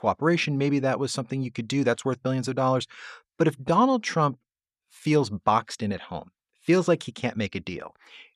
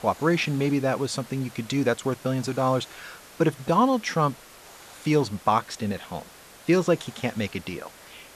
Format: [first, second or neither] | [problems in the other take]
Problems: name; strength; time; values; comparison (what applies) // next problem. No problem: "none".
first | hiss; faint; throughout; 20 dB below the speech